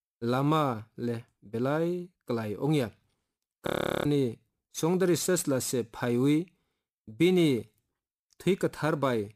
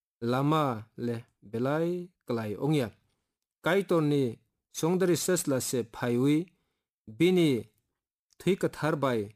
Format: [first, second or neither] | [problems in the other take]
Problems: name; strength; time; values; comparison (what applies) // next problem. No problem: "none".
second | audio freezing; at 3.5 s